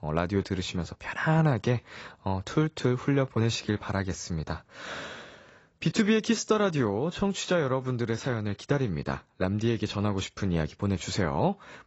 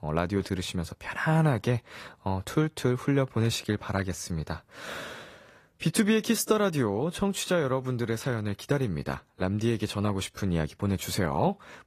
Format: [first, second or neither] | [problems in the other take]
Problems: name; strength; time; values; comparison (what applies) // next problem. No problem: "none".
second | garbled, watery; badly; nothing above 7.5 kHz; slightly in the second